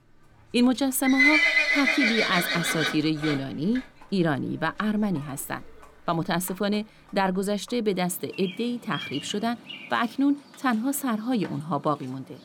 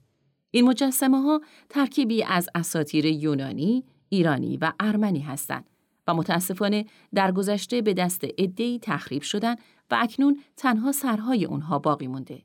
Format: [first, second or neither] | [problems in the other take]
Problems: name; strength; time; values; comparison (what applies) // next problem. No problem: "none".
second | animal sounds; very loud; throughout; 3 dB above the speech